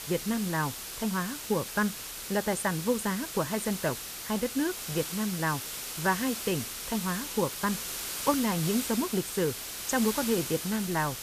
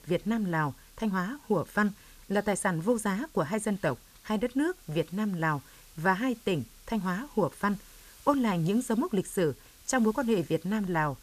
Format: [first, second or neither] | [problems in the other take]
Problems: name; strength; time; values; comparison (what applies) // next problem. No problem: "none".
second | hiss; loud; throughout; 4 dB below the speech; faint in the second